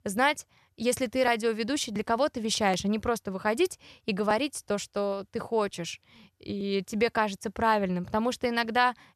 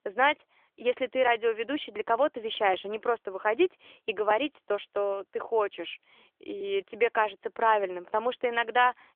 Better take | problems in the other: first | phone-call audio; nothing above 3.5 kHz

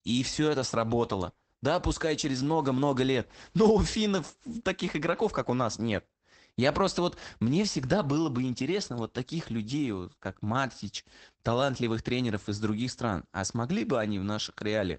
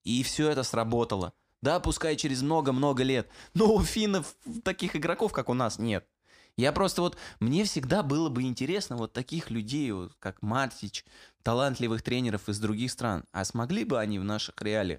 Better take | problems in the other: second | garbled, watery; badly; nothing above 8 kHz

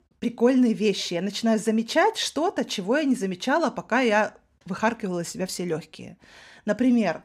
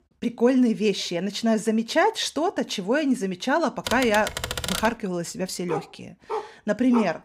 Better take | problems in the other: first | keyboard typing; noticeable; from 4 to 5 s; peak 4 dB below the speech // dog barking; noticeable; from 5.5 s on; peak 8 dB below the speech

